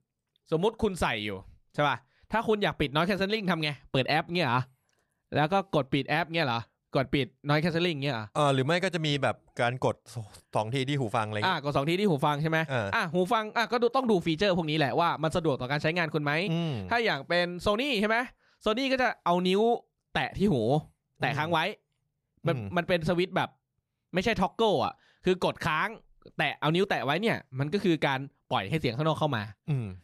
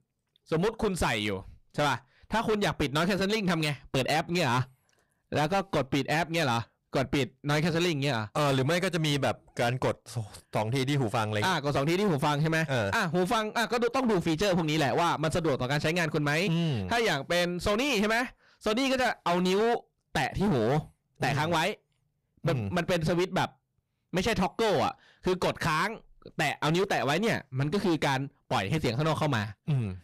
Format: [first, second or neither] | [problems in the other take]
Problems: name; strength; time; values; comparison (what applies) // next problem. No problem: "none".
first | distortion; heavy; 17% of the sound clipped